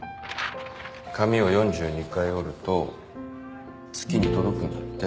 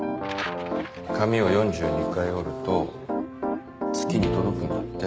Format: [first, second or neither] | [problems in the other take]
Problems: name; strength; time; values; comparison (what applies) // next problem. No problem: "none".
first | background sound (Piano); 3 dB below the speech